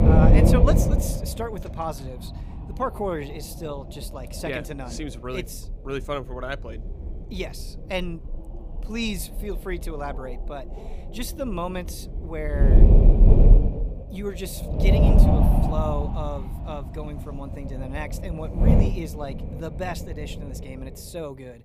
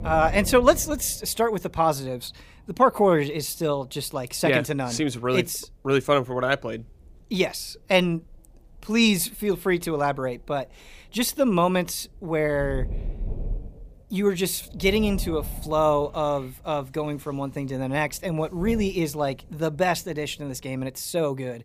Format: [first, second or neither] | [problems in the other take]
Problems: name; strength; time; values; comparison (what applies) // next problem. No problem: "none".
second | wind noise on the microphone; heavy; 1 dB above the speech; occasional gusts in the second